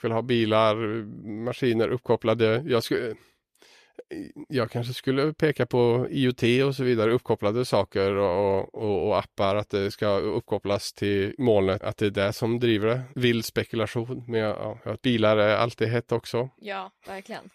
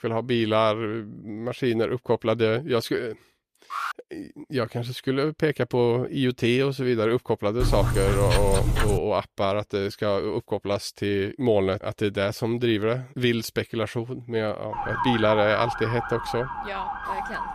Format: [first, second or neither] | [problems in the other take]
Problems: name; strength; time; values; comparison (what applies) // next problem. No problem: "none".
first | alarm; noticeable; at 3.5 s; peak 6 dB below the speech // dog barking; loud; from 7.5 to 9 s; peak 1 dB above the speech // siren; noticeable; from 15 s on; peak 2 dB below the speech